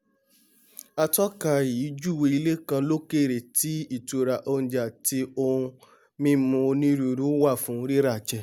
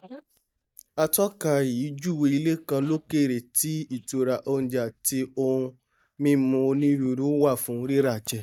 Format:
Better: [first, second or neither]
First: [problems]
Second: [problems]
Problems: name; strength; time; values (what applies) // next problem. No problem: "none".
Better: first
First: none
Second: noise reduction (neural mask model DeepFilterNet 3)